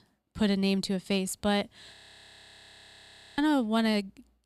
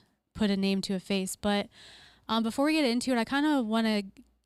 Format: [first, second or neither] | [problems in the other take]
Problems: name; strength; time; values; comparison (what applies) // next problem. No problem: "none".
second | audio freezing; at 2 s for 1.5 s